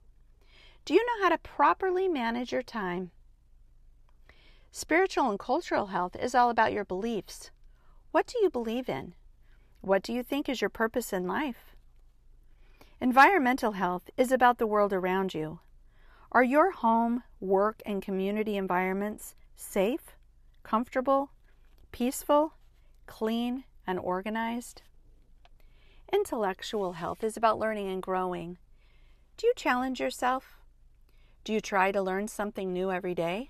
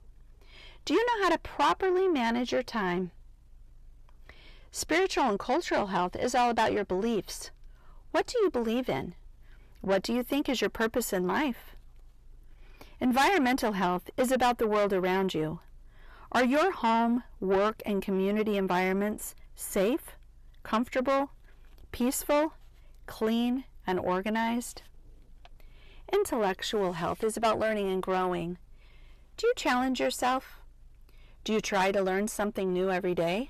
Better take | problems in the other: first | distortion; heavy; 8 dB below the speech

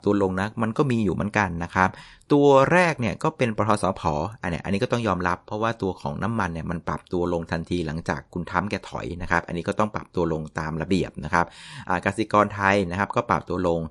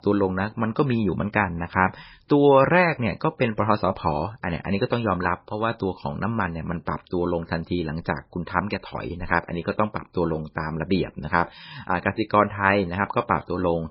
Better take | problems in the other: first | garbled, watery; badly; slightly in the first

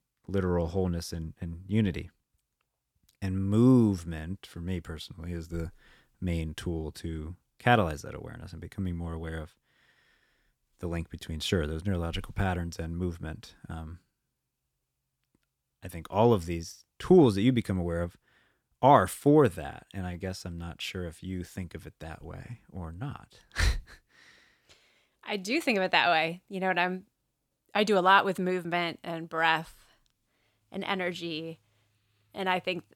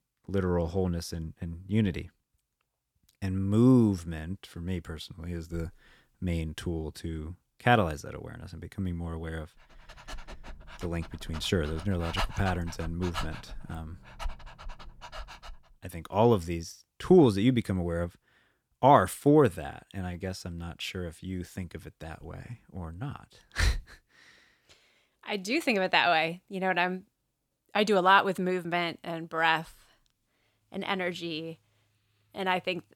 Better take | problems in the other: first | dog barking; noticeable; from 10 to 16 s; peak 6 dB below the speech

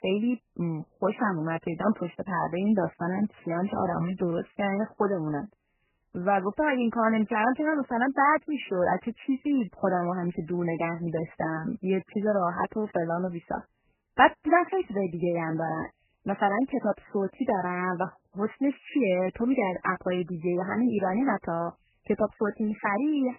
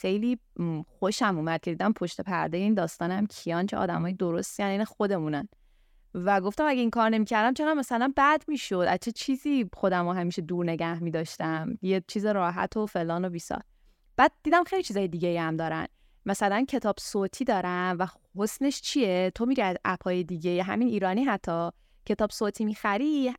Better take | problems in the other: second | garbled, watery; badly; nothing above 3 kHz

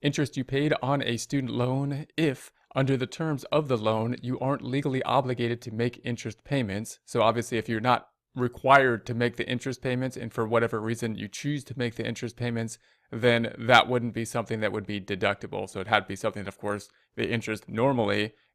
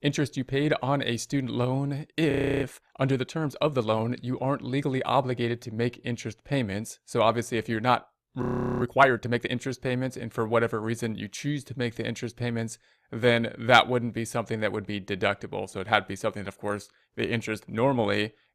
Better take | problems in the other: first | audio freezing; at 2.5 s and at 8.5 s

